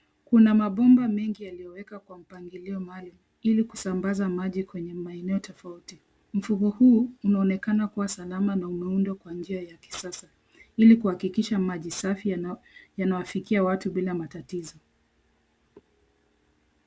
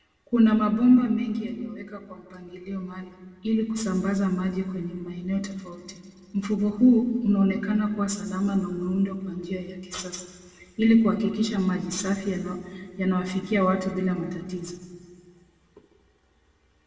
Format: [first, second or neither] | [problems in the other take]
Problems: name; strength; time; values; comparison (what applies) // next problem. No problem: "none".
first | room echo; dies away in 1.5 s